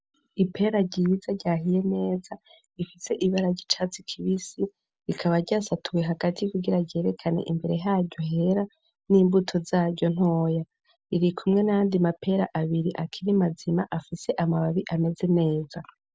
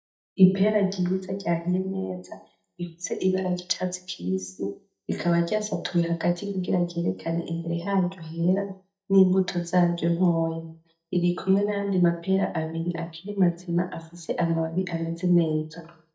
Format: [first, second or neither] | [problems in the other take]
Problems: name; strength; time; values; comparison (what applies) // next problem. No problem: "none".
first | noise reduction (neural mask model DeepFilterNet 3)